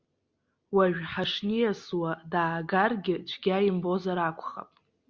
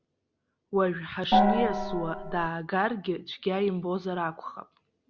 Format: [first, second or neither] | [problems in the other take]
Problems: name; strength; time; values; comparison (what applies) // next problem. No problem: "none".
first | background sound (Gong); 5 dB above the speech